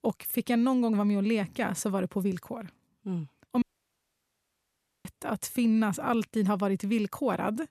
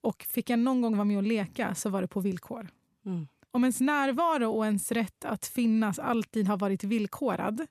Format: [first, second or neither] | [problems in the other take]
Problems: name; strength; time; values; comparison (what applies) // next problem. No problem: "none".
second | audio cutting out; at 3.5 s for 1.5 s